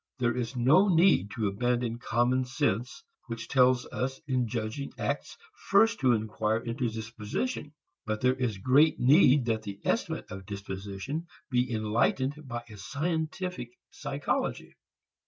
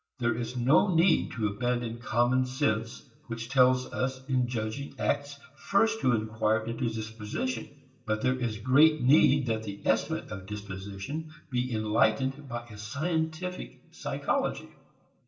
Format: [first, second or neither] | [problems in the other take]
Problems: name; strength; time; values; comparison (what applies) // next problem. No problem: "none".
first | room echo; dies away in 0.6 s